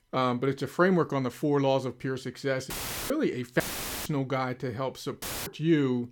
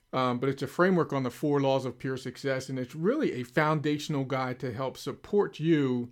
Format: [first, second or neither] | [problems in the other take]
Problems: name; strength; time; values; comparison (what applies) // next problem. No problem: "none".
second | audio cutting out; filled with static; at 2.5 s, at 3.5 s and at 5 s